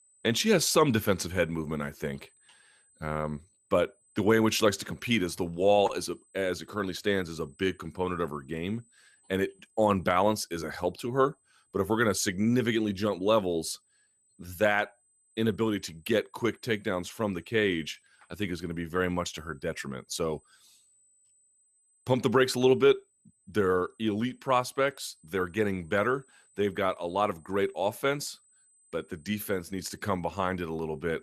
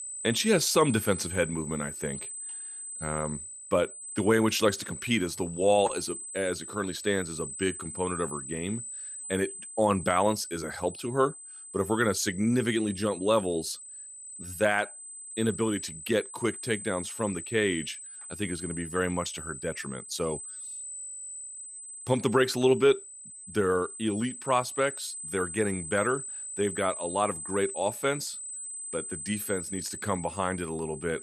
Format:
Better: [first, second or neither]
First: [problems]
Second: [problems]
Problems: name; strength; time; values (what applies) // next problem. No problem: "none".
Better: first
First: high-pitched whine; faint; throughout; 8 kHz, 35 dB below the speech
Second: high-pitched whine; loud; throughout; 8 kHz, 9 dB below the speech